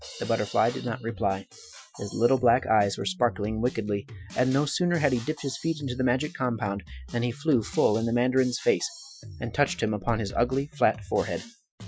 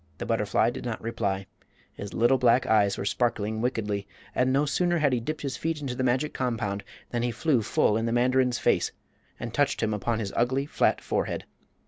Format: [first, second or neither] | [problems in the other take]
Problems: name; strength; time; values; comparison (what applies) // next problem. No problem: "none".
second | noise reduction (classical method Wiener filter)